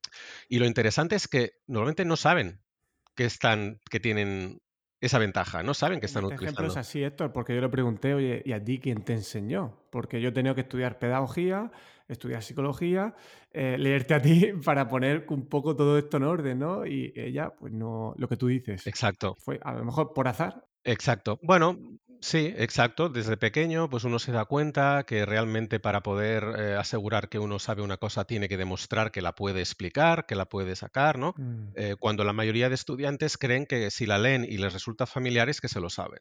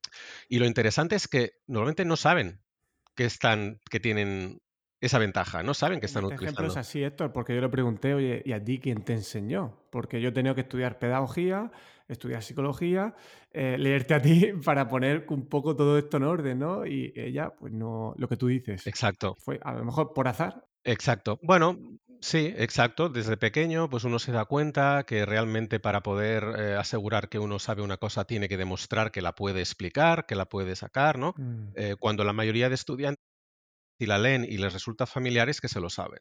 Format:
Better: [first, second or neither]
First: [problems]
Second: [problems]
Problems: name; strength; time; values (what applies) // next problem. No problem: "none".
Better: first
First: none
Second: audio cutting out; at 33 s for 1 s